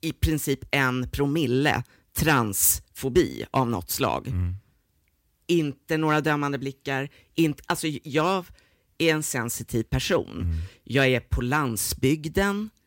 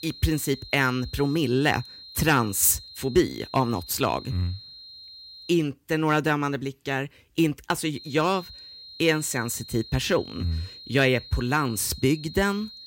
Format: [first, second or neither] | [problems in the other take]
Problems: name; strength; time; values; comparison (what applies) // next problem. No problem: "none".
first | high-pitched whine; noticeable; until 5.5 s and from 8 s on; 4 kHz, 15 dB below the speech